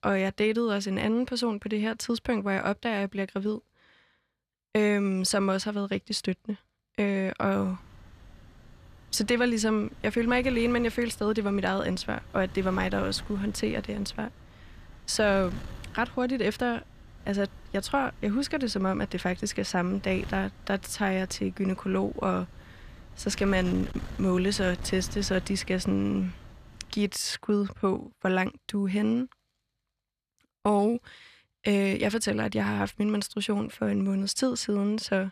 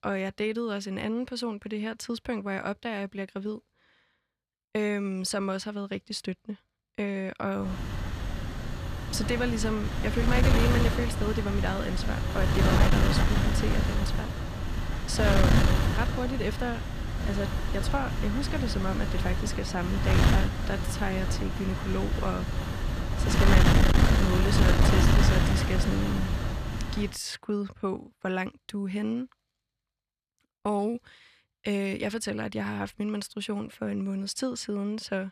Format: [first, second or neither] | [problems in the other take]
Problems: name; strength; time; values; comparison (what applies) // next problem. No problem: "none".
first | wind noise on the microphone; heavy; from 7.5 to 27 s; 1 dB above the speech; occasional gusts in the first